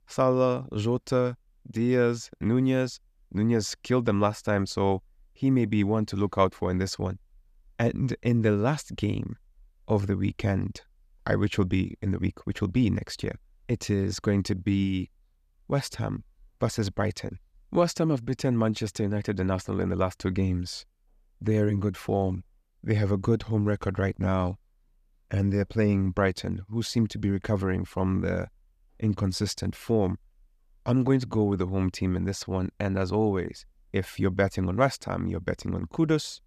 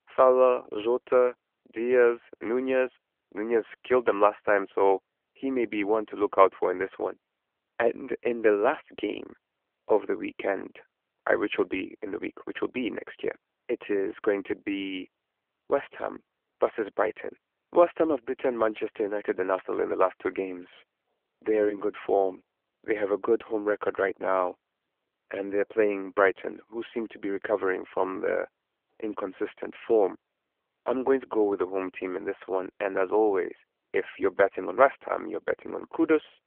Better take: first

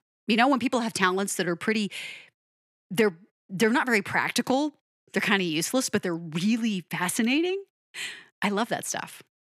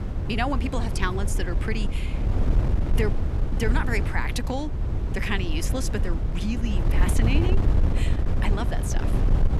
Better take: first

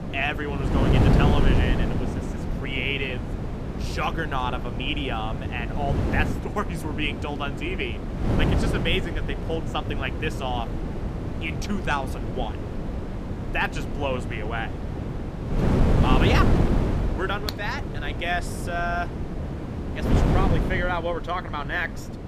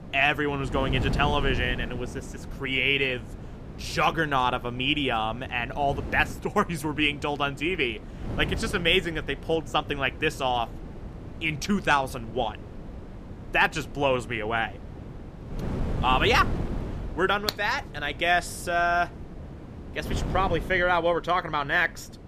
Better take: second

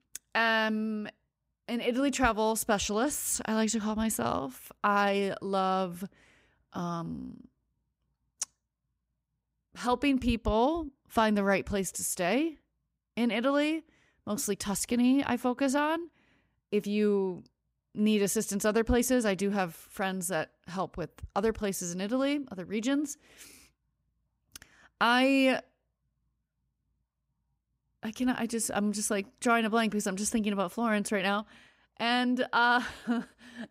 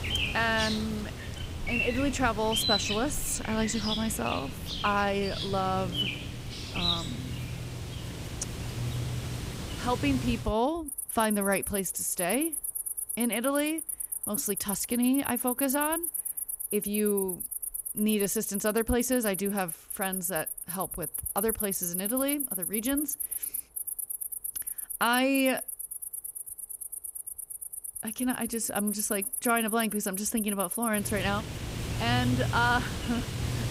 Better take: first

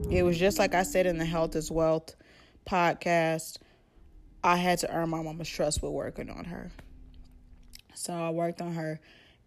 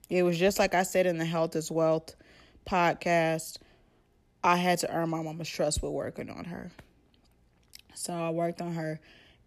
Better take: second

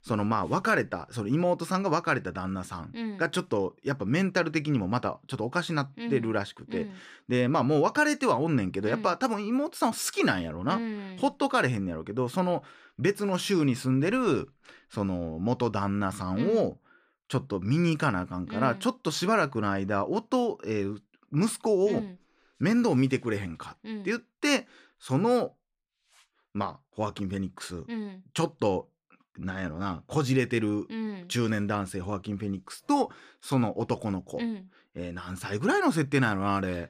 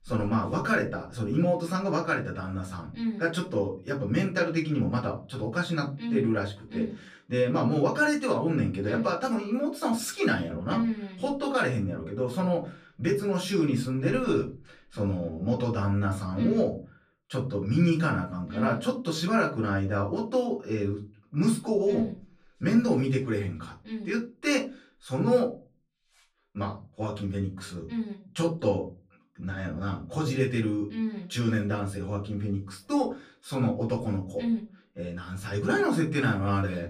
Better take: first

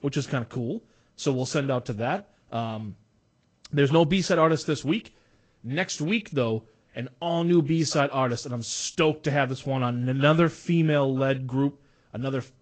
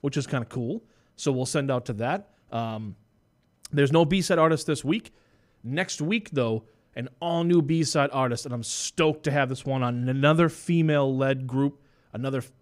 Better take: second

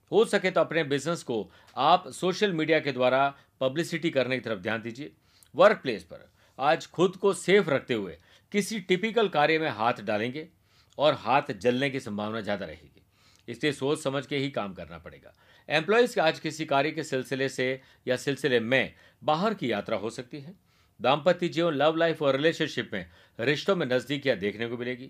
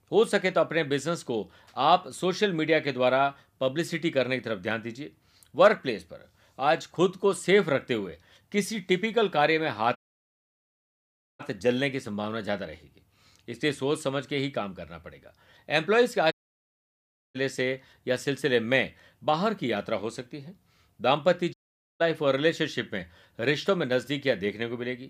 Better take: first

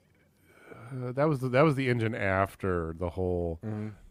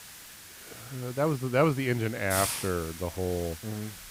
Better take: first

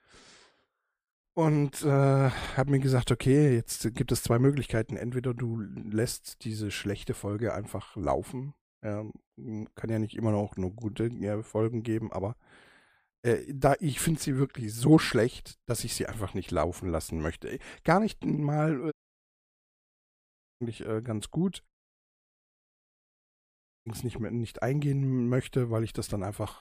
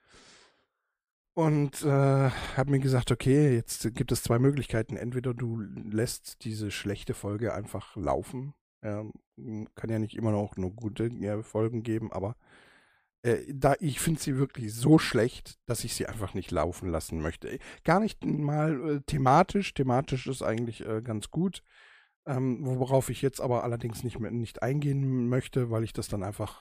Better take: second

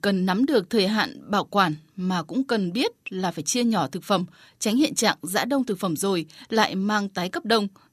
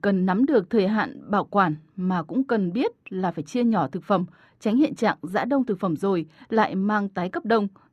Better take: first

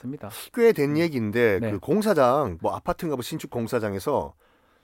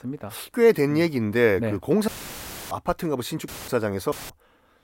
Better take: first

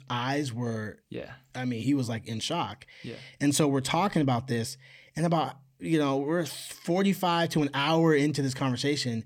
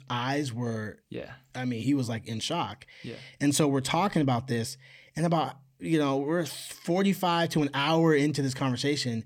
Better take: neither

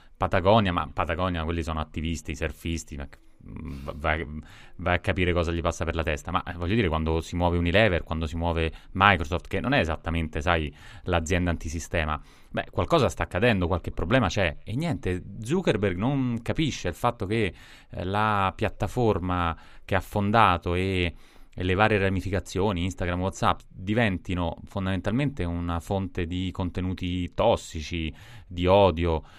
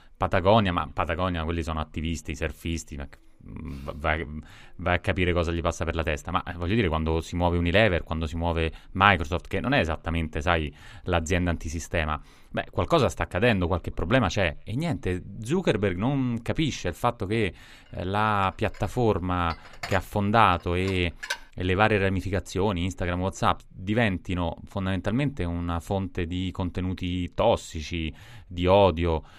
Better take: first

